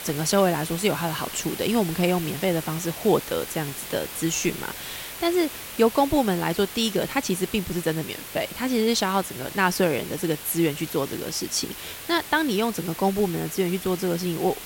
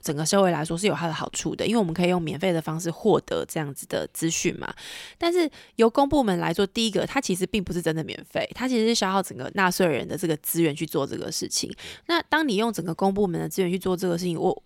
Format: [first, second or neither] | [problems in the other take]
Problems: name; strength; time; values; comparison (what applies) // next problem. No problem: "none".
second | hiss; loud; throughout; 10 dB below the speech